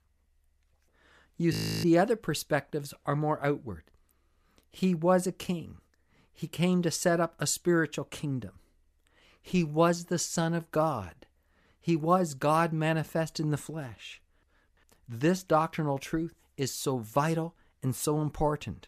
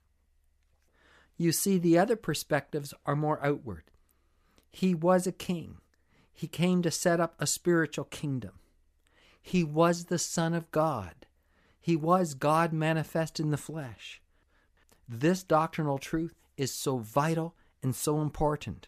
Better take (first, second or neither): second